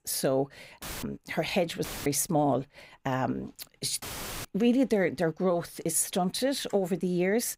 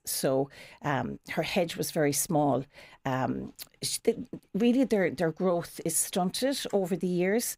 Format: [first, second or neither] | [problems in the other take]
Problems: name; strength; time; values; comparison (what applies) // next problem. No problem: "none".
second | audio cutting out; filled with static; at 1 s, at 2 s and at 4 s